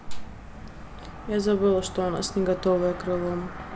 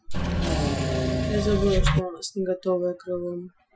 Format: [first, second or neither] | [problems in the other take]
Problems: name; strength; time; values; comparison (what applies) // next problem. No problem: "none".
first | noise reduction (classical method Wiener filter)